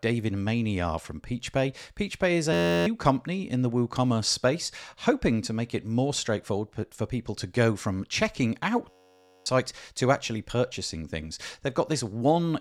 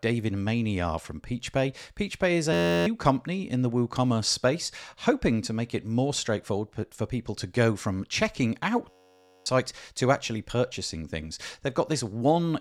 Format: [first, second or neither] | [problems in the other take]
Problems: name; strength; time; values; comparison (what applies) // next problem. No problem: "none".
neither | audio freezing; at 2.5 s and at 9 s for 0.5 s; the same in both